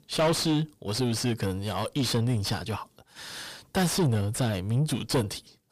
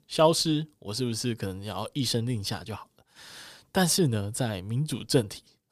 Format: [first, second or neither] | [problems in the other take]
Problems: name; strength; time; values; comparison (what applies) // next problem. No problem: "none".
second | distortion; heavy; 6 dB below the speech